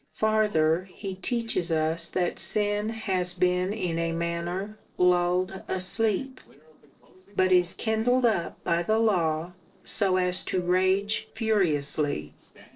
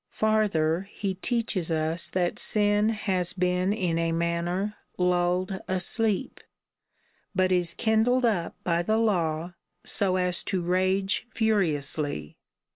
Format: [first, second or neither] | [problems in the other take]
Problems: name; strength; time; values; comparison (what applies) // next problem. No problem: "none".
second | noise reduction (neural separator model SepFormer DNS4)